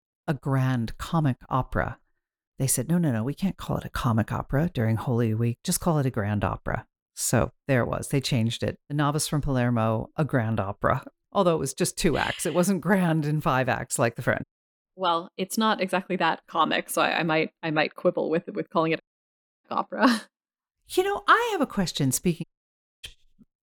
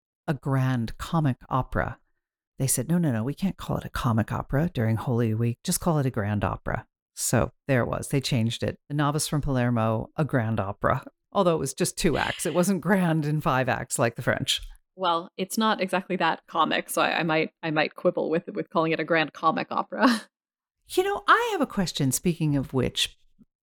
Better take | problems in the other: second | audio cutting out; at 14 s, at 19 s for 0.5 s and at 22 s for 0.5 s

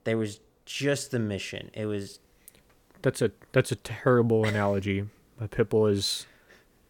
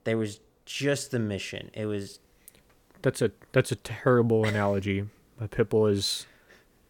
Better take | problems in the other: neither | none

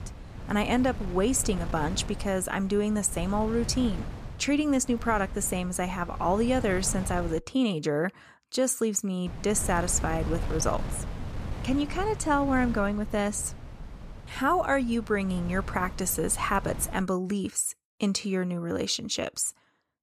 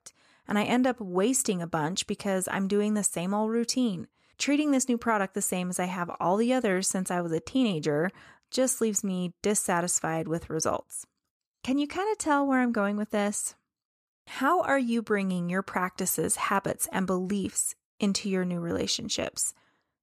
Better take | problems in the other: second | wind noise on the microphone; occasional gusts; until 7.5 s and from 9.5 to 17 s; 15 dB below the speech

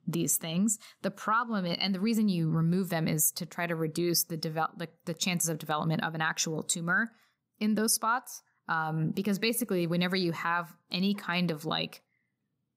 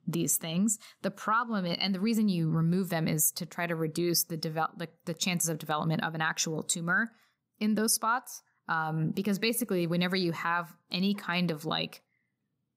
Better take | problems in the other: neither | none

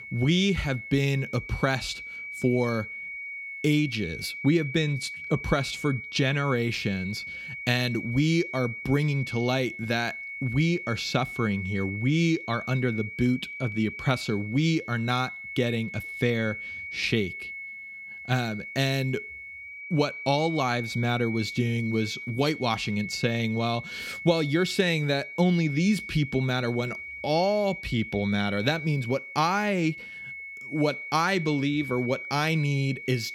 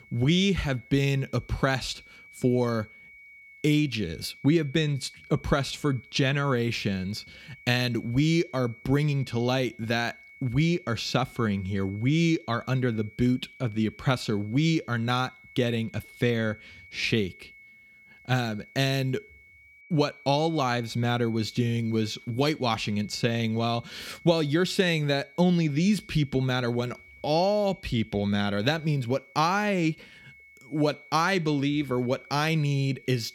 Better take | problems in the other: second | high-pitched whine; loud; throughout; 2 kHz, 9 dB below the speech; faint in the second

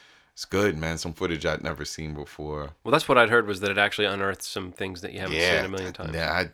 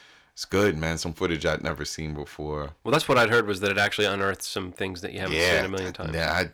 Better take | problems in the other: first | distortion; slight; 1.8% of the sound clipped

